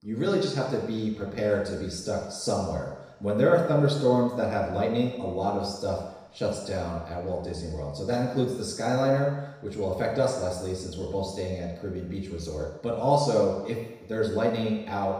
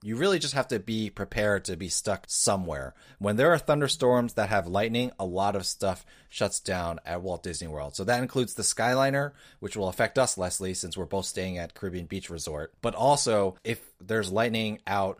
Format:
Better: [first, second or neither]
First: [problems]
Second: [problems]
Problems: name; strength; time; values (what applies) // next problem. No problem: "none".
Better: second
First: room echo; noticeable; dies away in 1 s // off-mic speech; far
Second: none